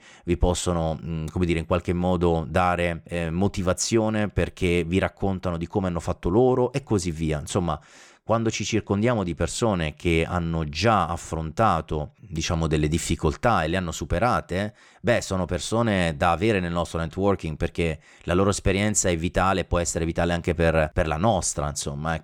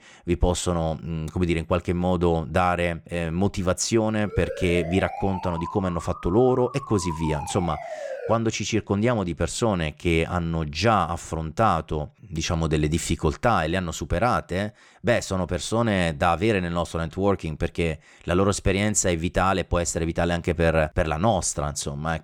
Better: first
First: none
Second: siren; noticeable; from 4.5 to 8.5 s; peak 8 dB below the speech

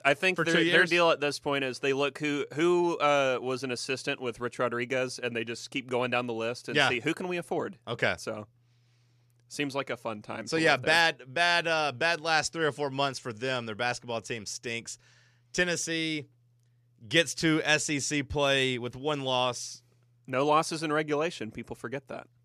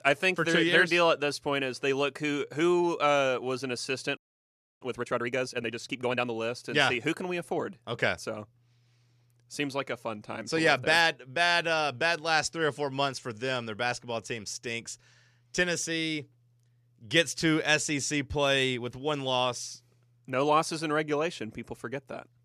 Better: first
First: none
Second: audio freezing; at 4 s for 0.5 s

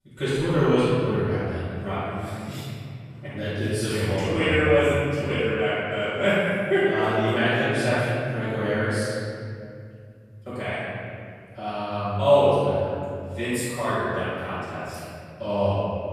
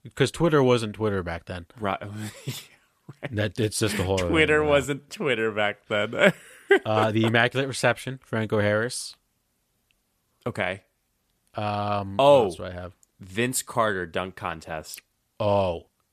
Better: second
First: off-mic speech; far // room echo; strong; dies away in 2.7 s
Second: none

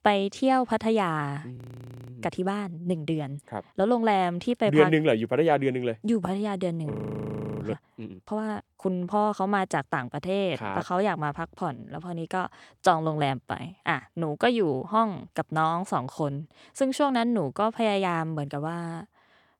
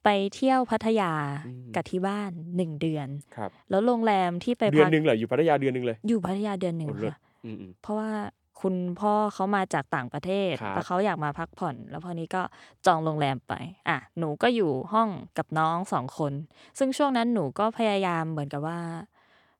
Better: second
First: audio freezing; at 1.5 s for 0.5 s and at 7 s for 0.5 s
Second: none

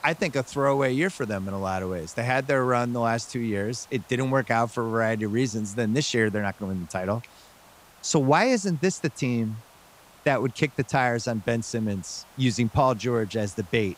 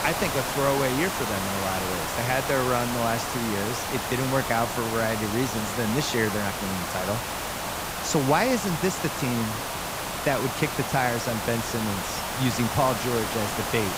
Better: first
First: hiss; faint; throughout; 25 dB below the speech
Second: hiss; loud; throughout; 2 dB below the speech

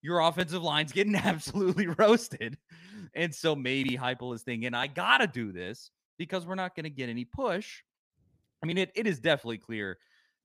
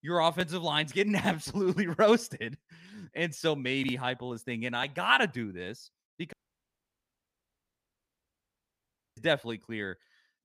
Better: first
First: none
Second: audio cutting out; at 6.5 s for 3 s

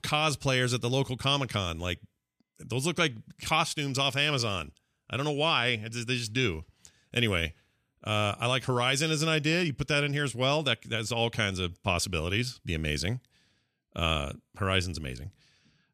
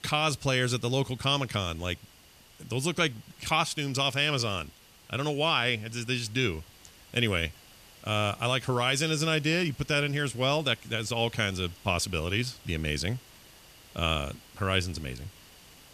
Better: first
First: none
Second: hiss; faint; throughout; 25 dB below the speech

